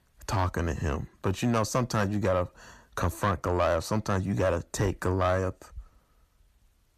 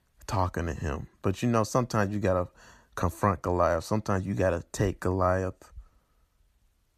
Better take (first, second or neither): second